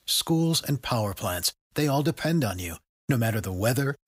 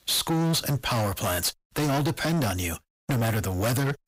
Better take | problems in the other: first | distortion; heavy; 28% of the sound clipped

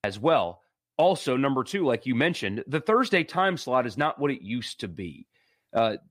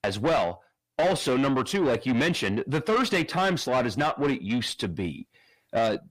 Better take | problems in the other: first | distortion; heavy; 7 dB below the speech

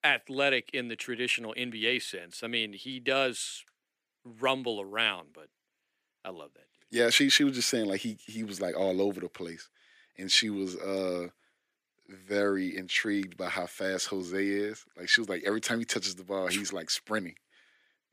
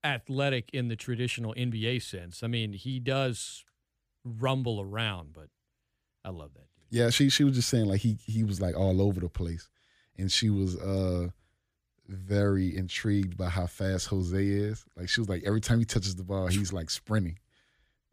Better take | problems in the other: second | thin; somewhat; fading below 300 Hz

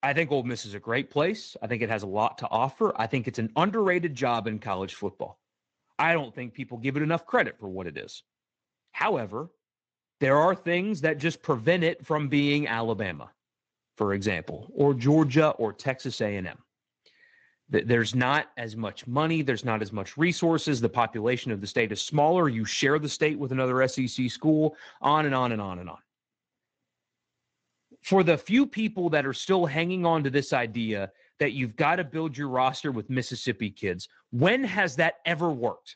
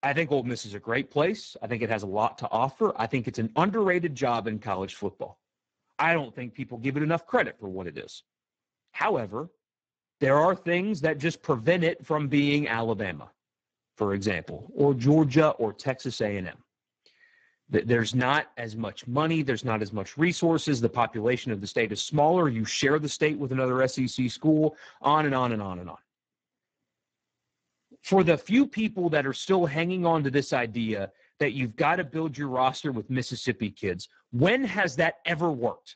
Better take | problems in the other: first | garbled, watery; badly; nothing above 7.5 kHz; slightly in the first

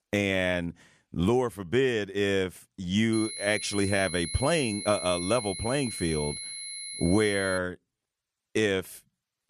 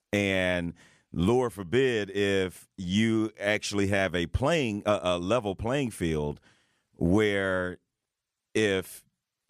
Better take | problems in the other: second | high-pitched whine; loud; from 3 to 7.5 s; 4 kHz, 7 dB below the speech

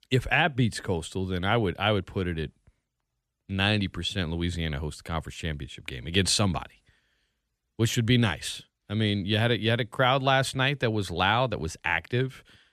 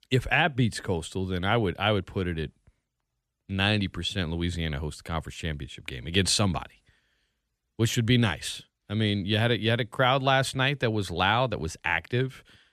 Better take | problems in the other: neither | none

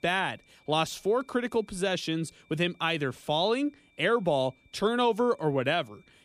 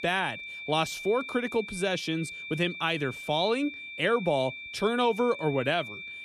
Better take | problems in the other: first | high-pitched whine; loud; throughout; 2.5 kHz, 10 dB below the speech; faint in the first

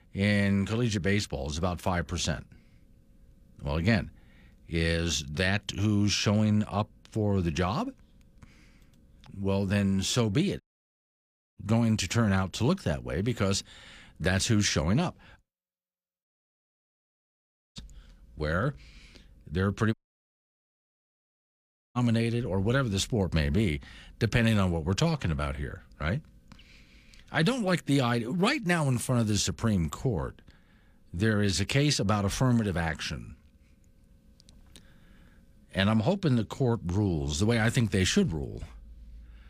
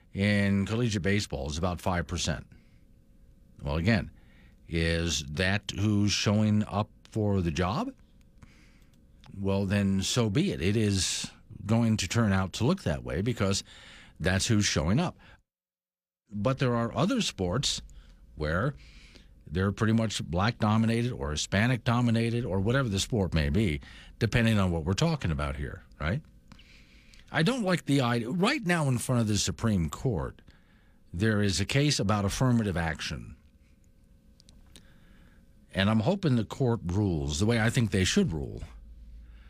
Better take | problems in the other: second | audio cutting out; at 11 s for 1 s, at 16 s for 1.5 s and at 20 s for 2 s

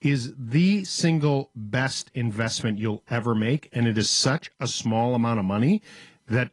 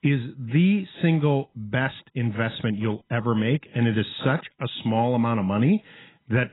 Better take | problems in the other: first | garbled, watery; badly; nothing above 4 kHz; slightly in the first

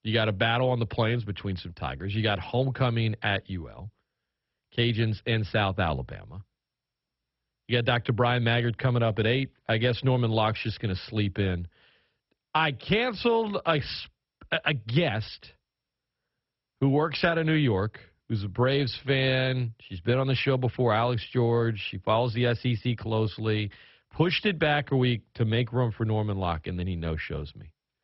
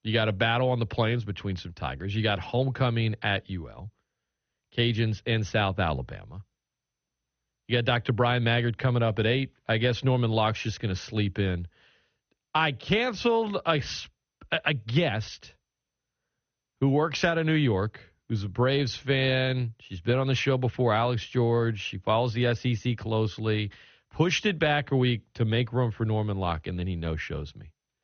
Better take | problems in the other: second | garbled, watery; badly; nothing above 5.5 kHz; slightly in the second

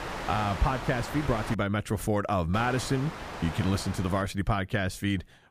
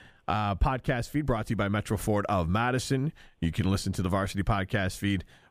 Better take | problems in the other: second | wind noise on the microphone; heavy; until 1.5 s and from 2.5 to 4 s; 6 dB below the speech

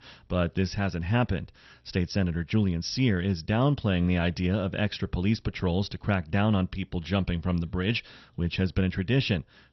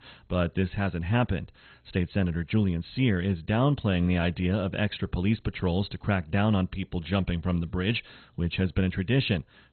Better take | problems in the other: first | garbled, watery; badly; nothing above 4 kHz; slightly in the first

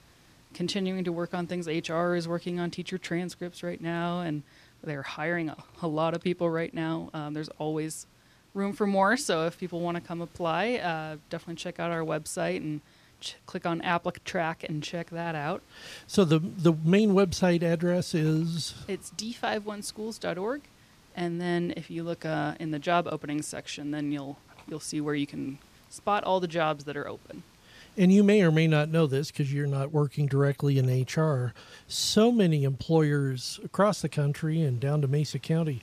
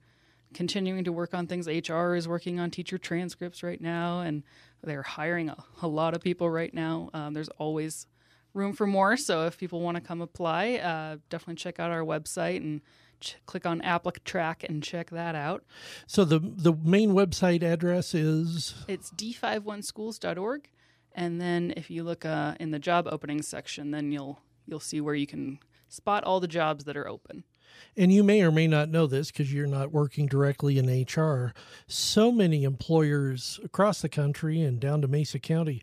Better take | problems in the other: second | hiss; faint; throughout; 30 dB below the speech

